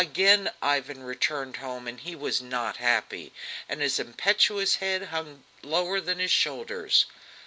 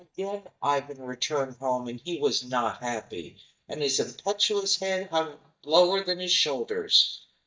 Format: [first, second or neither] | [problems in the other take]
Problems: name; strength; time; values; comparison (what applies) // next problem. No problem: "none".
first | noise reduction (neural mask model DeepFilterNet 3)